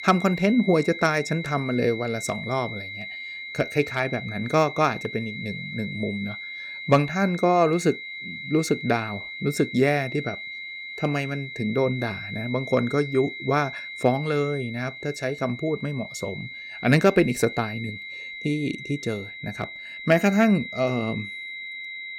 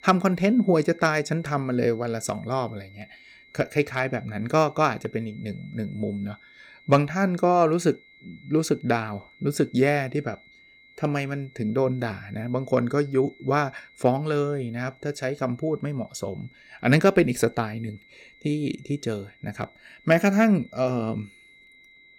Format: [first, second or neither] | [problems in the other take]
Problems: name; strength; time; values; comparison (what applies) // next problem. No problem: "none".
second | high-pitched whine; loud; throughout; 2 kHz, 9 dB below the speech; faint in the second